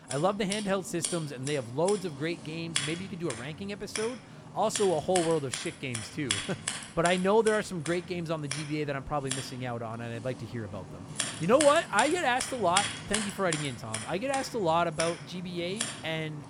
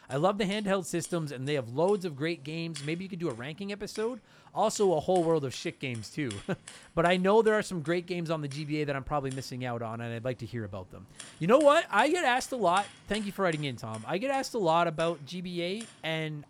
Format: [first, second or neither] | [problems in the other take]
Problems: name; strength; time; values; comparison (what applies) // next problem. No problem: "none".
second | household noises; loud; throughout; 6 dB below the speech; faint in the second